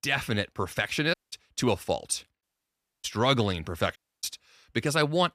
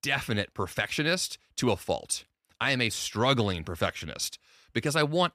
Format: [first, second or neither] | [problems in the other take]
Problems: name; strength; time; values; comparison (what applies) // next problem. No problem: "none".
second | audio cutting out; at 1 s, at 2.5 s for 0.5 s and at 4 s